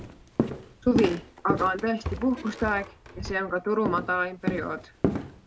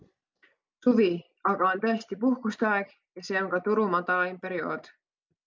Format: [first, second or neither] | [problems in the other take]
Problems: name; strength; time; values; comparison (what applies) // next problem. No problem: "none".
second | background sound (Walk, footsteps); 4 dB below the speech